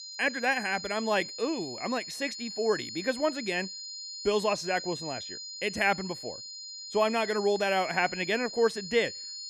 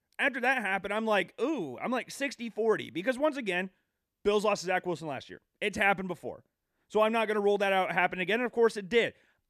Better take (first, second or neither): second